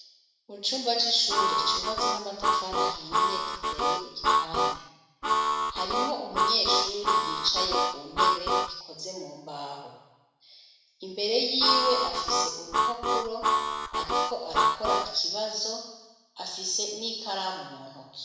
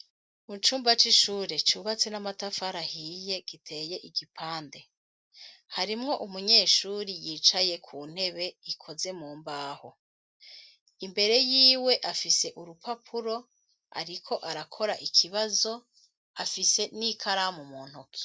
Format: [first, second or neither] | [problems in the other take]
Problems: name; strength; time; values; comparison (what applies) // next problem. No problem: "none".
second | background sound (Harmonica); 5 dB above the speech // room echo; dies away in 1 s